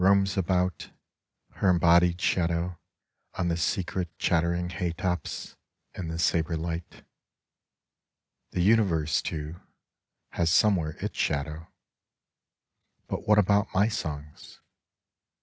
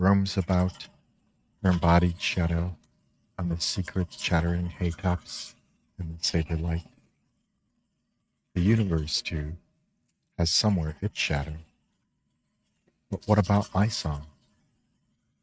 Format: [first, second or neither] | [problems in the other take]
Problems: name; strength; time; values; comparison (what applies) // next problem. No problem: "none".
first | noise reduction (neural mask model RNNoise)